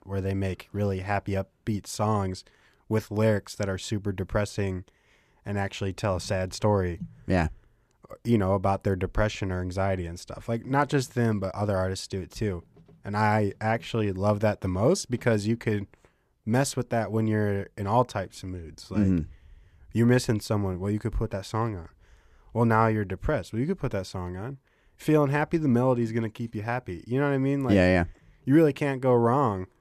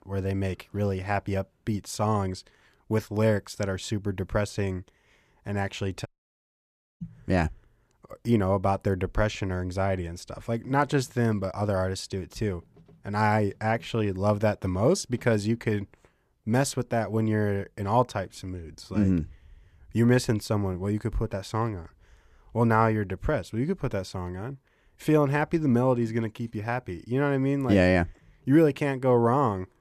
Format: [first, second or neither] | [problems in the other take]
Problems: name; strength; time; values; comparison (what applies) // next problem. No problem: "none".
first | audio cutting out; at 6 s for 1 s